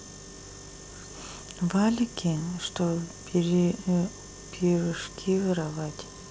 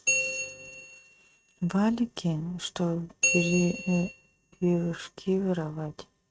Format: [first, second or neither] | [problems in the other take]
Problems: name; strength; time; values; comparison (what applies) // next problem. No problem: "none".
first | noise reduction (neural mask model RNNoise)